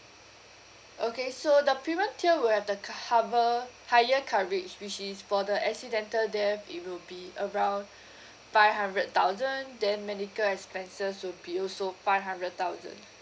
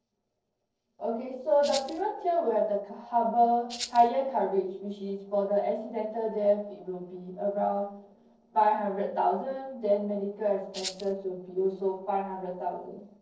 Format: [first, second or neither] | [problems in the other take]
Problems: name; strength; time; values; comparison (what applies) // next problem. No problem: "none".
first | noise reduction (neural separator model SepFormer DNS4)